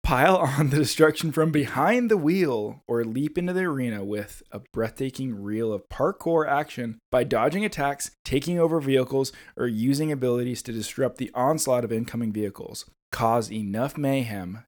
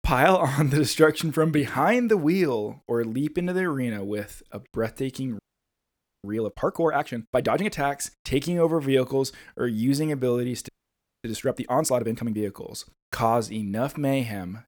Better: first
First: none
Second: audio freezing; at 5.5 s for 1 s and at 11 s for 0.5 s

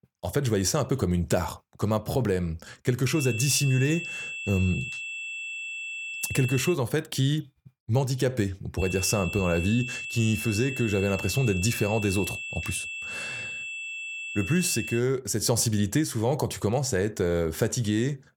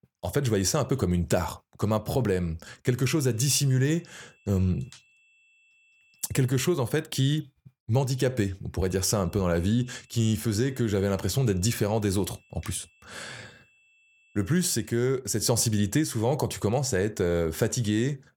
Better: second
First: high-pitched whine; loud; from 3 to 6.5 s and from 9 to 15 s; 2.5 kHz, 6 dB below the speech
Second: high-pitched whine; faint; from 3 to 6.5 s and from 9 to 15 s; 2.5 kHz, 35 dB below the speech

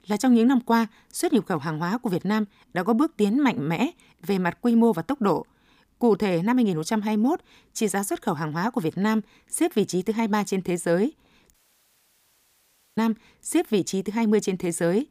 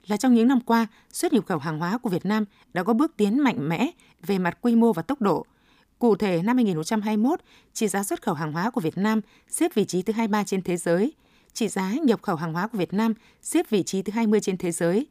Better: second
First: audio cutting out; at 12 s for 1.5 s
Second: none

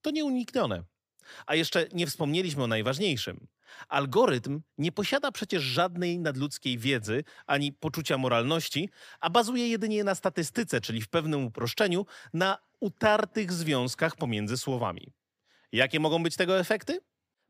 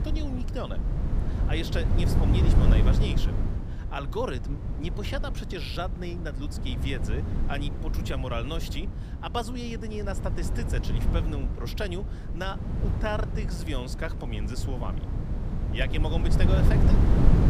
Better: first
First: none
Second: wind noise on the microphone; heavy; 4 dB below the speech

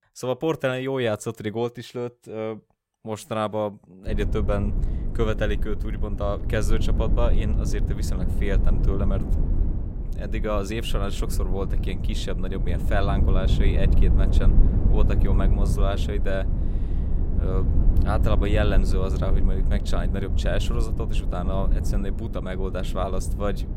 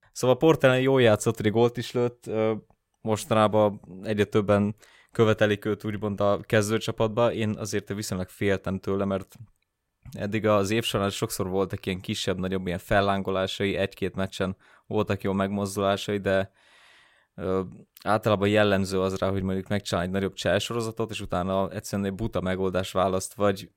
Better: second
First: low rumble; loud; from 4 s on; 9 dB below the speech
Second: none

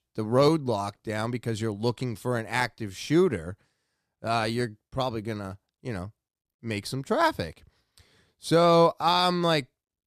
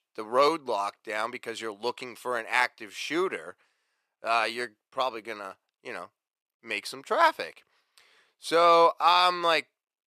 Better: first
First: none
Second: thin; very; fading below 500 Hz

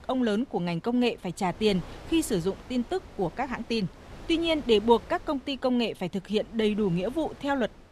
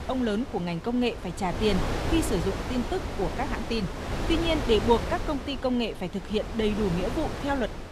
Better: first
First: wind noise on the microphone; occasional gusts; 20 dB below the speech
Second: wind noise on the microphone; heavy; 6 dB below the speech

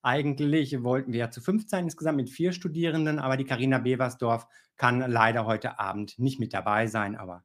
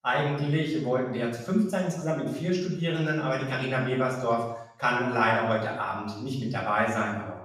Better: first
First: none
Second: room echo; noticeable; dies away in 0.7 s // off-mic speech; far

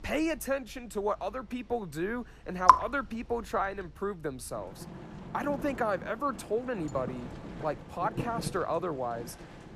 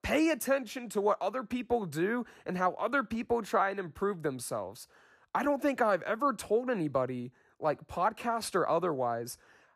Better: second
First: rain or running water; very loud; throughout; 3 dB above the speech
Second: none

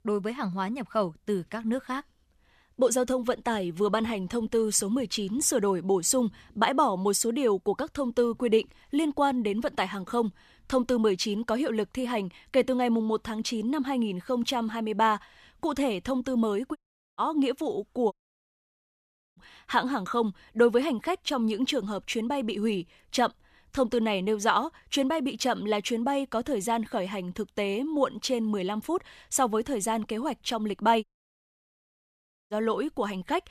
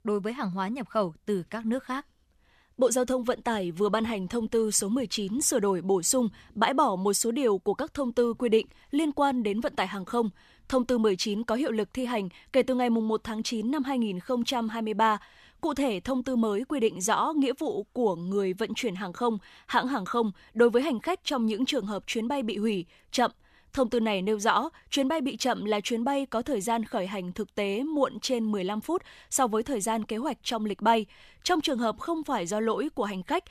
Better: second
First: audio cutting out; at 17 s, at 18 s for 1 s and at 31 s for 1.5 s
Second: none

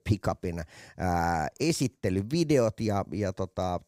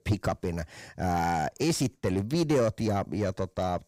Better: first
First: none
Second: distortion; slight; 10 dB below the speech

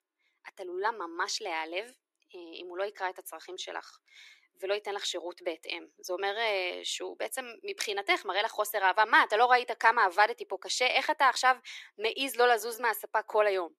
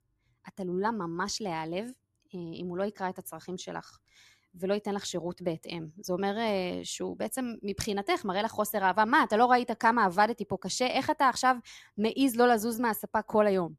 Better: second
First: thin; very; fading below 350 Hz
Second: none

